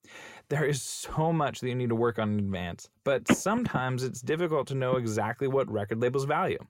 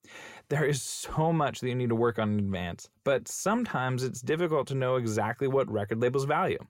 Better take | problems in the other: second | phone ringing; loud; from 3.5 to 5 s; peak 1 dB above the speech

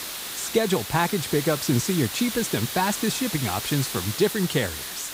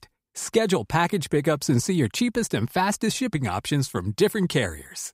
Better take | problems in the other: second | hiss; loud; throughout; 5 dB below the speech

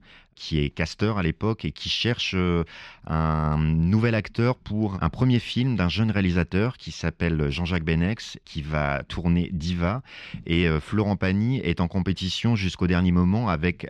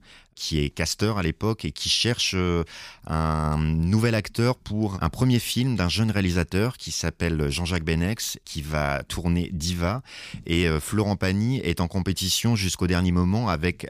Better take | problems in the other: second | muffled; slightly; fading above 3 kHz

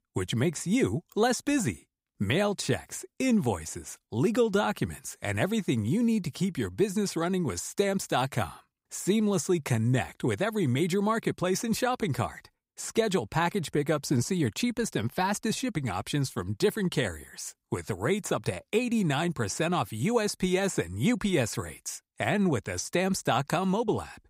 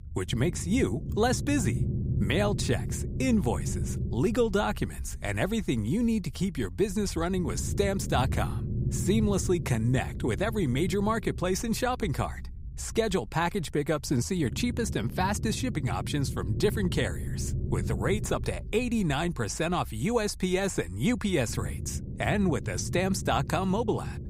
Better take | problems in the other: first | low rumble; noticeable; throughout; 15 dB below the speech

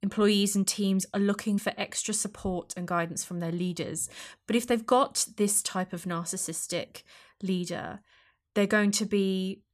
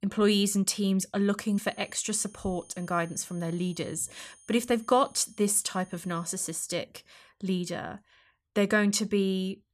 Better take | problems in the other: first | high-pitched whine; faint; from 1.5 to 6.5 s; 9.5 kHz, 25 dB below the speech

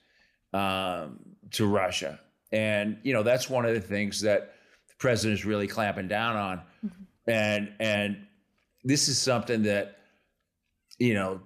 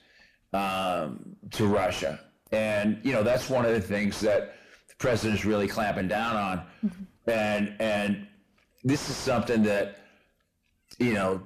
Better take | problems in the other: first | distortion; heavy; 5 dB below the speech

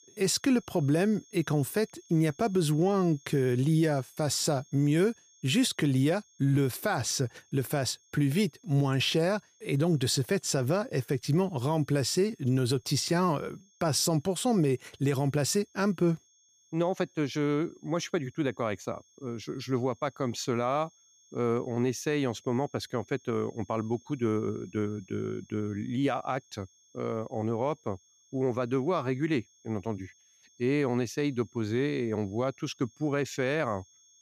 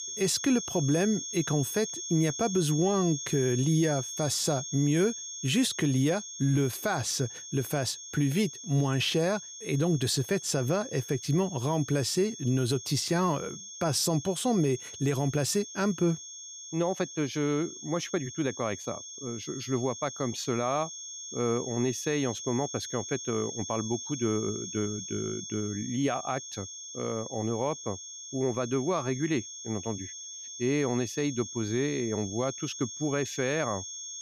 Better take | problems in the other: first | high-pitched whine; loud; throughout; 6.5 kHz, 8 dB below the speech; faint in the first

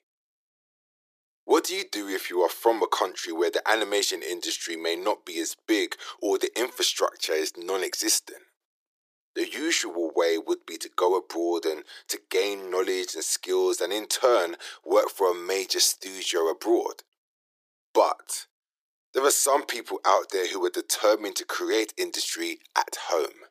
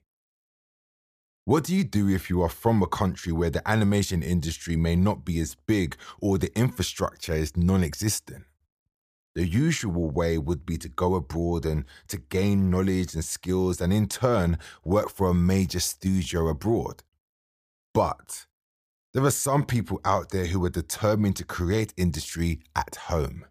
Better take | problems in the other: second | thin; very; fading below 350 Hz

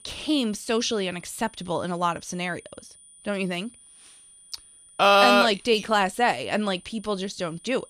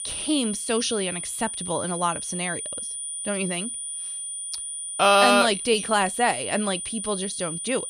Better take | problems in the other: first | high-pitched whine; loud; throughout; 9.5 kHz, 6 dB below the speech; faint in the first

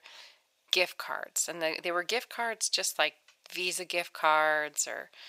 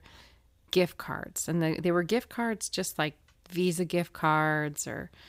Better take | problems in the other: second | thin; very; fading below 650 Hz

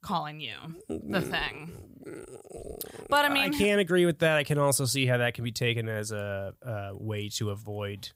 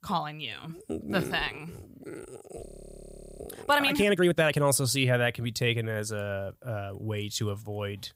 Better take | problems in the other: first | audio freezing; at 2.5 s for 0.5 s

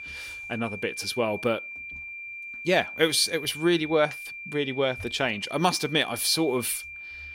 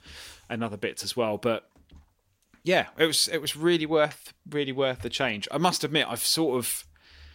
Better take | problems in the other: second | high-pitched whine; noticeable; throughout; 2.5 kHz, 10 dB below the speech

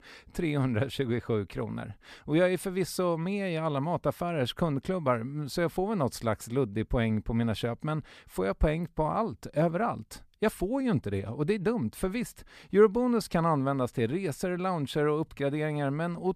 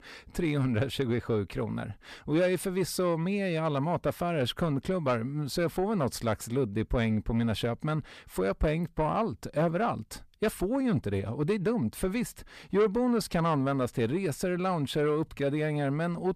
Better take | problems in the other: first | distortion; slight; 10 dB below the speech

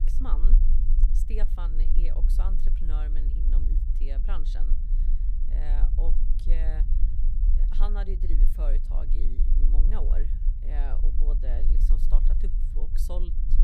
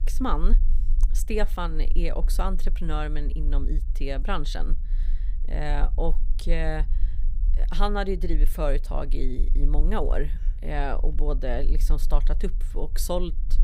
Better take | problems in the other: second | low rumble; loud; throughout; 6 dB below the speech; faint in the second

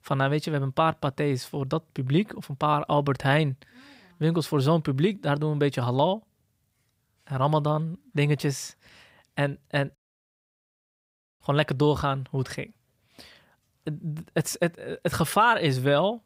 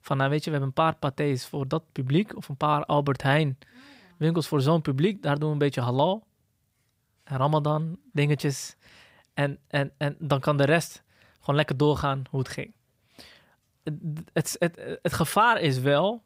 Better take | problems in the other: second | audio cutting out; at 10 s for 1.5 s

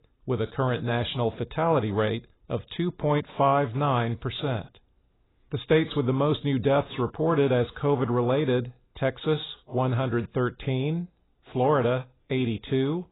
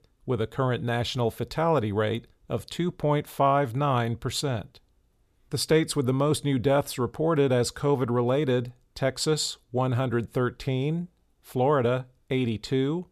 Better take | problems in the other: second | garbled, watery; badly; nothing above 4 kHz

